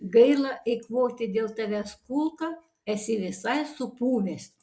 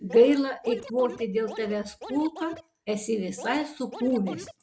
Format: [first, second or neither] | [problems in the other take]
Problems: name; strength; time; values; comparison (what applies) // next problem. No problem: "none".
first | background sound (Scratching (performance technique)); 15 dB below the speech